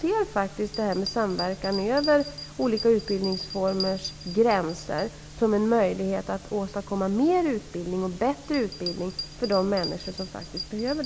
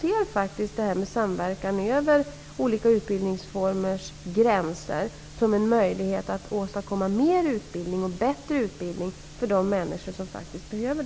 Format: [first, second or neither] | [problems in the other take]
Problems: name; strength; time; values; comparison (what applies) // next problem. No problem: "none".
second | background sound (Bell); 14 dB below the speech